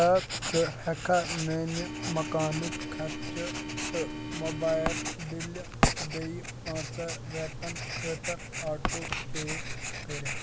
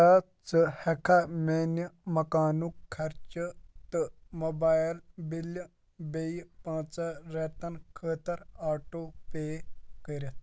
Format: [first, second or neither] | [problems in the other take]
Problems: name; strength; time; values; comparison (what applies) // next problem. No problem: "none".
second | background sound (Writing + Organ); 2 dB below the speech